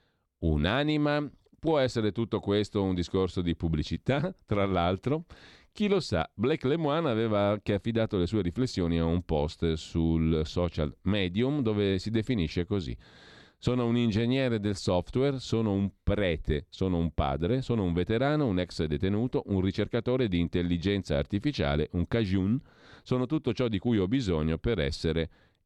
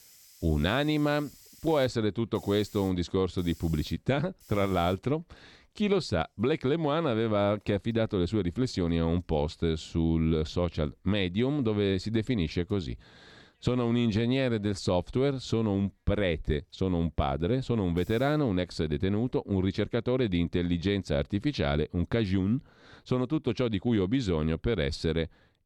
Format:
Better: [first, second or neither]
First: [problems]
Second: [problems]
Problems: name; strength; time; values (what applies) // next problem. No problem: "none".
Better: first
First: none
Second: hiss; faint; until 18 s; 25 dB below the speech